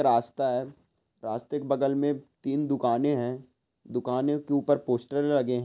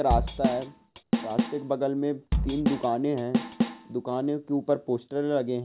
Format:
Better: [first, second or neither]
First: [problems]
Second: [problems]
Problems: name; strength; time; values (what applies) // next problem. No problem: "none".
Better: first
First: none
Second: background sound (Drum / Drum kit); 1 dB below the speech